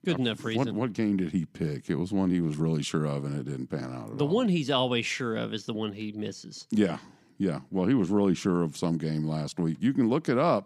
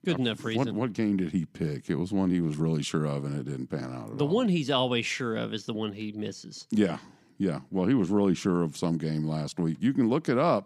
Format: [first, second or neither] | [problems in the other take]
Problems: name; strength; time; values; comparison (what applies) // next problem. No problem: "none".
neither | none